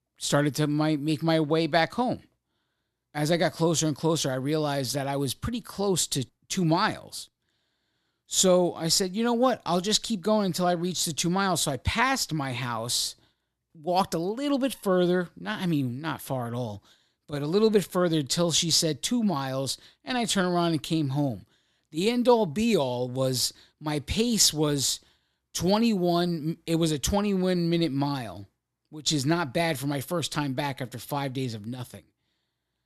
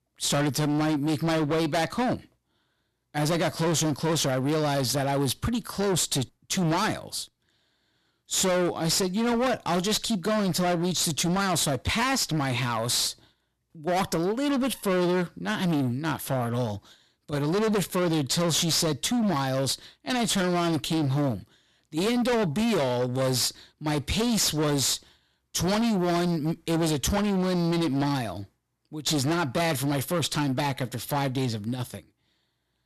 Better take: first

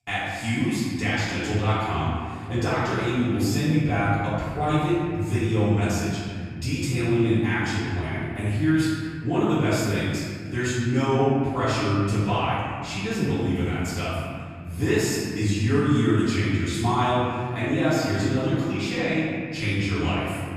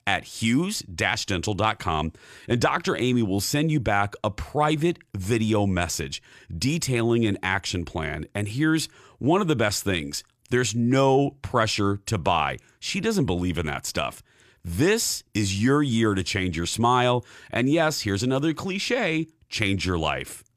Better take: second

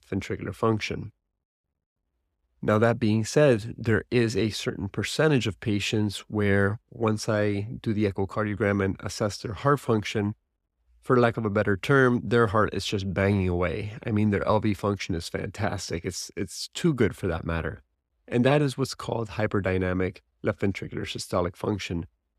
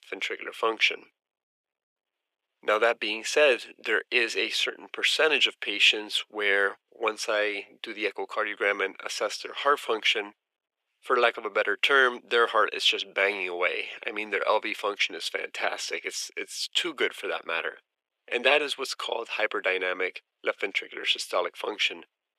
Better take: first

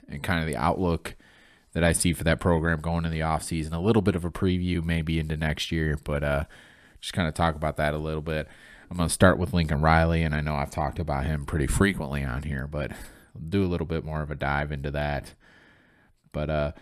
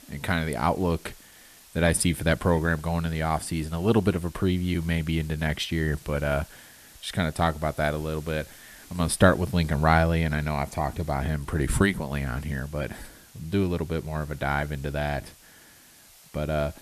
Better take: first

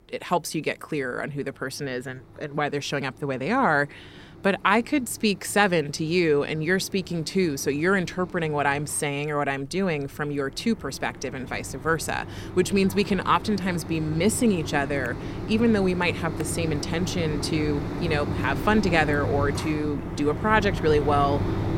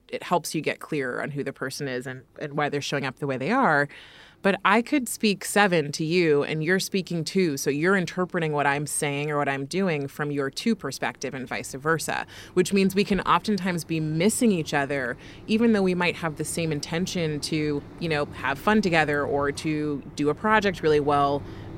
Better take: second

